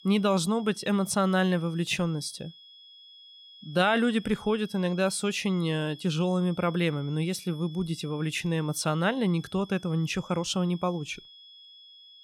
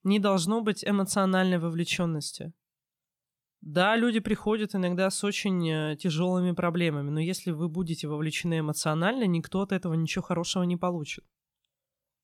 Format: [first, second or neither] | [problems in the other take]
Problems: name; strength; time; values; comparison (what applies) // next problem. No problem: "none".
second | high-pitched whine; faint; throughout; 3.5 kHz, 20 dB below the speech